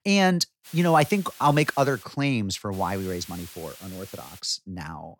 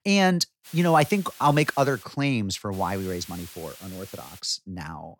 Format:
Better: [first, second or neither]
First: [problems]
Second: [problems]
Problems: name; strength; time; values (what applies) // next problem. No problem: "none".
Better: neither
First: hiss; noticeable; from 0.5 to 2 s and from 2.5 to 4.5 s; 20 dB below the speech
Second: hiss; noticeable; from 0.5 to 2 s and from 2.5 to 4.5 s; 20 dB below the speech